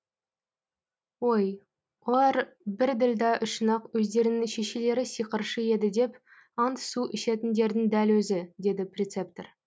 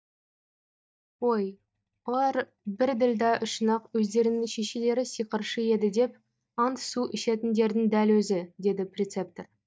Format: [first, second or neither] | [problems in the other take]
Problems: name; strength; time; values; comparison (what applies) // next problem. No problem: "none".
first | noise reduction (neural mask model DeepFilterNet 3)